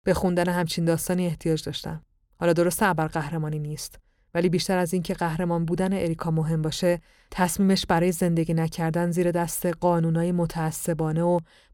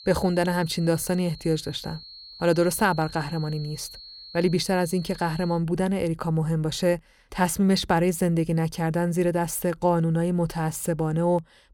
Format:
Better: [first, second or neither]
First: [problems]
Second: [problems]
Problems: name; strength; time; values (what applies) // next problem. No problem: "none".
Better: first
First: none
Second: high-pitched whine; noticeable; until 5.5 s; 4.5 kHz, 15 dB below the speech